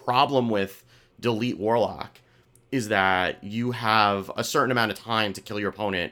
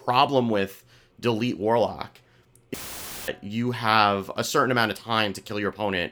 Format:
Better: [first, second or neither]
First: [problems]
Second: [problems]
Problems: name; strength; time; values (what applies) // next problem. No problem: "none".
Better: first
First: none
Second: audio cutting out; filled with static; at 2.5 s for 0.5 s